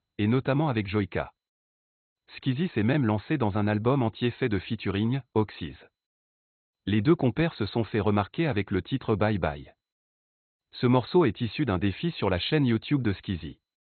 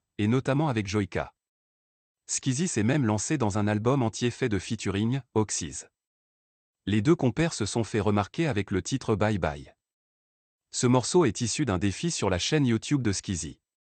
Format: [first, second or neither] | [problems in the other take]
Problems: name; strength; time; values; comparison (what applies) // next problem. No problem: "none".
second | garbled, watery; badly; nothing above 4 kHz; slightly in the second